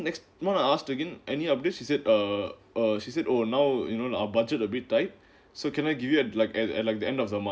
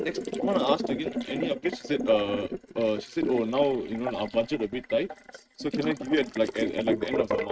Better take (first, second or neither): first